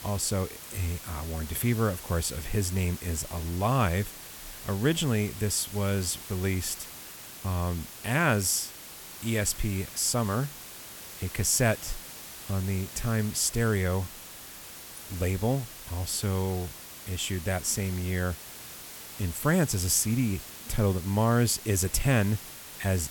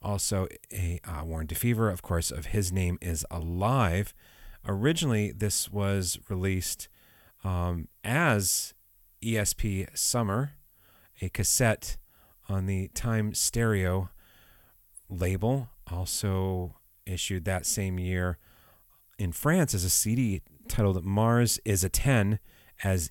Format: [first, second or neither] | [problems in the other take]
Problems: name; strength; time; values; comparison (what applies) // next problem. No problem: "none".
second | hiss; noticeable; throughout; 10 dB below the speech